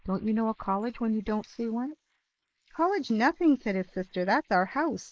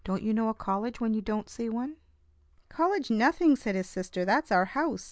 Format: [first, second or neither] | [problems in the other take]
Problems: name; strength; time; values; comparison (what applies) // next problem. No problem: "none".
second | noise reduction (neural mask model Resemble Enhance denoiser)